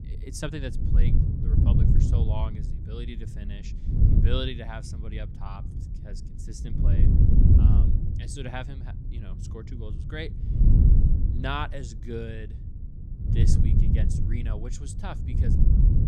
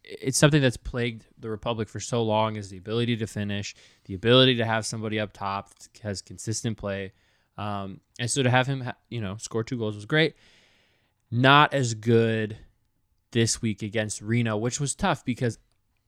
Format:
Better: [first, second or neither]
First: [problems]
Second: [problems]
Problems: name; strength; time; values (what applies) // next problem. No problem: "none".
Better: second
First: wind noise on the microphone; heavy; as loud as the speech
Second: none